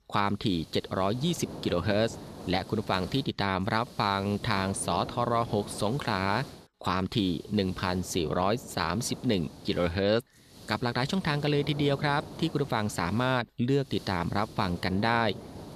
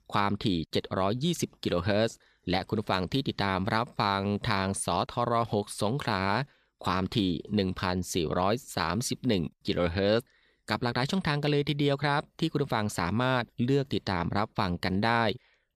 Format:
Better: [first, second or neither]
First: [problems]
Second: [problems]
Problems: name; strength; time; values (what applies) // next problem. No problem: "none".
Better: second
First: hiss; noticeable; throughout; 15 dB below the speech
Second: none